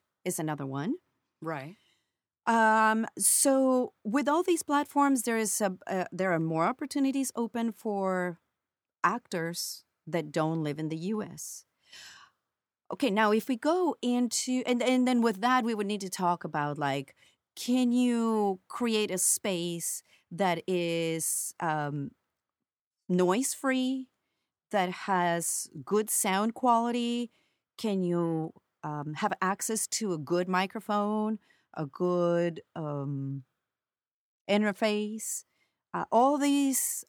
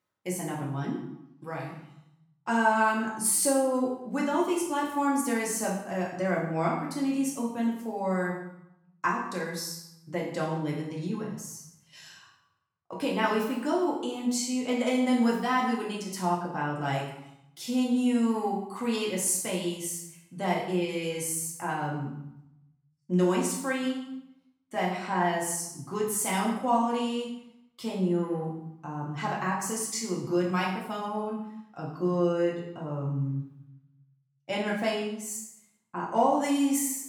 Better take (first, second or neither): first